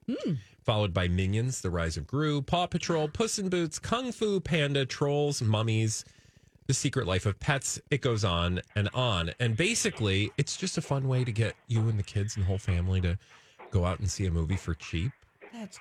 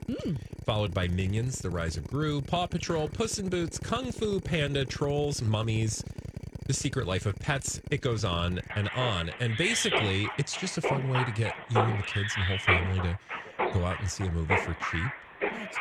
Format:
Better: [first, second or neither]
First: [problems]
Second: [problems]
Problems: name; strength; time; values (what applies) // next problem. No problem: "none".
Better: first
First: machinery noise; faint; throughout; 25 dB below the speech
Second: machinery noise; loud; throughout; 4 dB below the speech